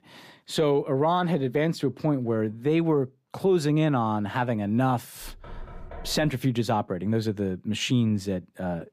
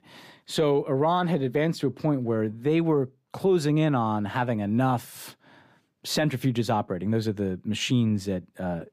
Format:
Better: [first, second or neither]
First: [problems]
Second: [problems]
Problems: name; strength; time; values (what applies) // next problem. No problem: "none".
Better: second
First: door banging; faint; from 5 to 6.5 s; peak 15 dB below the speech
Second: none